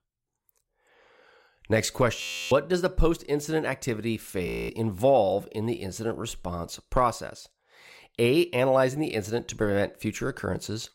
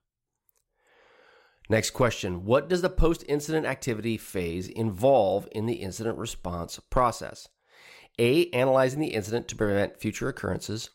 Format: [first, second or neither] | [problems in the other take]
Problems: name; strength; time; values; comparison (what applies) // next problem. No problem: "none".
second | audio freezing; at 2 s and at 4.5 s